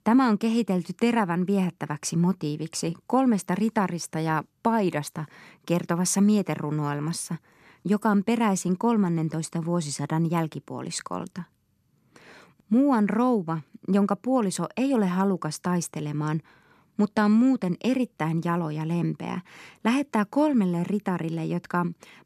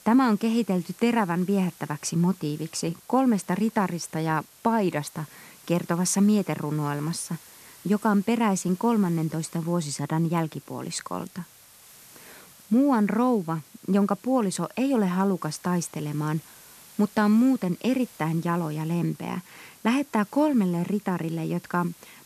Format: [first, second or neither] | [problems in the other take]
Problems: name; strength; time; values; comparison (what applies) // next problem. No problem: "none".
first | hiss; faint; throughout; 25 dB below the speech